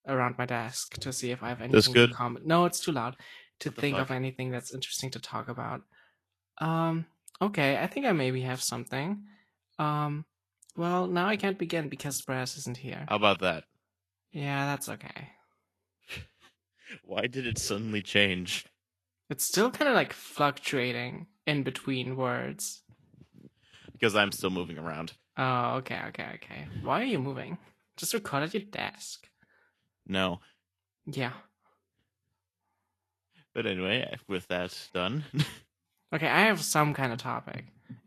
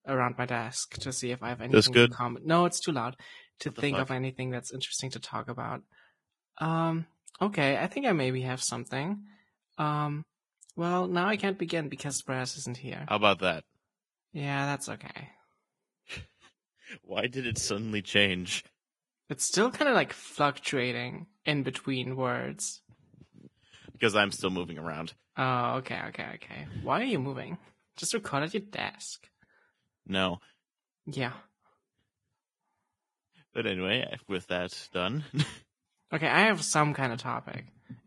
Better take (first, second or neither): first